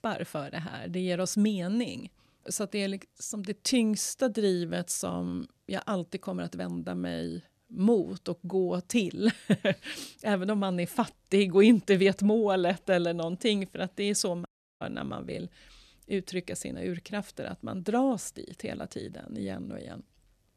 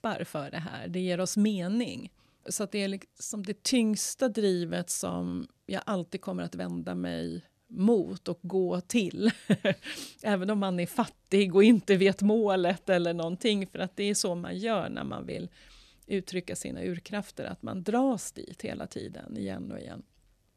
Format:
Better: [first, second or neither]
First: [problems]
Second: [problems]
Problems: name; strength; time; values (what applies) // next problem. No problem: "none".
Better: second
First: audio cutting out; at 14 s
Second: none